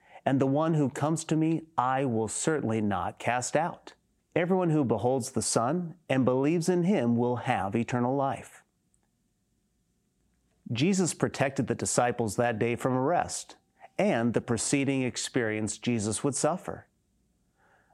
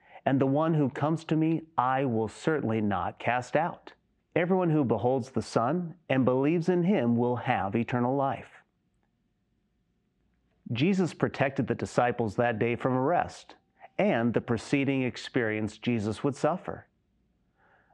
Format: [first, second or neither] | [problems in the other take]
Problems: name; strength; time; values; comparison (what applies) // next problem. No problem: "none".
first | muffled; slightly; fading above 3 kHz